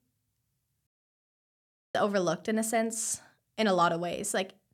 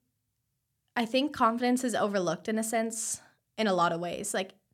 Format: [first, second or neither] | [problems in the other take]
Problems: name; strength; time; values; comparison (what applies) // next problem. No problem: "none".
second | audio cutting out; at 1 s for 1 s